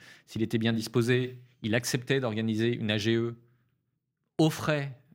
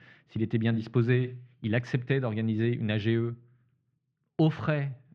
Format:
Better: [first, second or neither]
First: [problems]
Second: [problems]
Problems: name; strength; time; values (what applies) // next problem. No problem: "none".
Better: first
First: none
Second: muffled; very; fading above 3 kHz